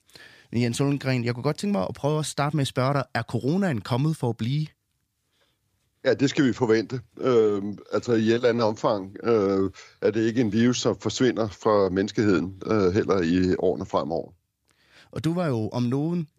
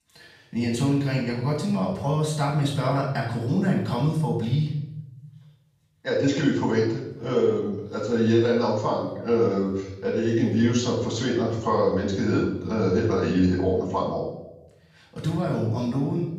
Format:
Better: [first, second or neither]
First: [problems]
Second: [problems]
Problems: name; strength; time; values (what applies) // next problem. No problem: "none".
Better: first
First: none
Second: off-mic speech; far // room echo; noticeable; dies away in 0.8 s